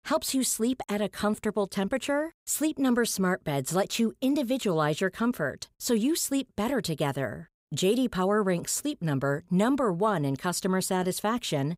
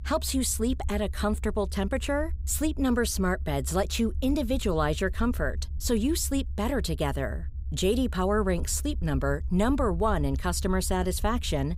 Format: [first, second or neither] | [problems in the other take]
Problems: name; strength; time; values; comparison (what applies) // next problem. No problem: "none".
first | low rumble; faint; throughout; 25 dB below the speech